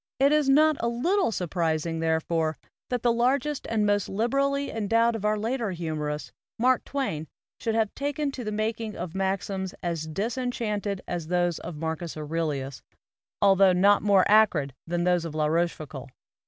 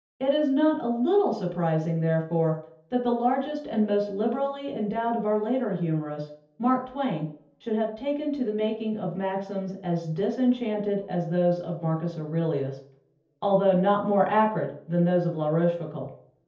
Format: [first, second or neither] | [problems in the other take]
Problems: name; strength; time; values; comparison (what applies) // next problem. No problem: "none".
first | room echo; dies away in 0.5 s